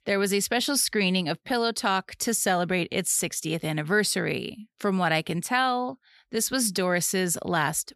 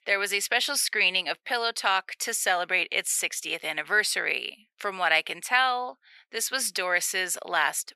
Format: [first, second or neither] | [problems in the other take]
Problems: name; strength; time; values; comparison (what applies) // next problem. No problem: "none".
first | thin; very; fading below 650 Hz